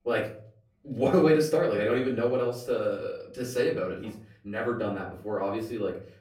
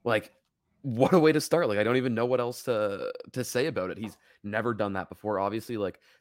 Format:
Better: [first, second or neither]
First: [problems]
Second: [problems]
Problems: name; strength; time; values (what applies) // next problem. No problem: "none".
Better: second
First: off-mic speech; far // room echo; slight; dies away in 0.4 s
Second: none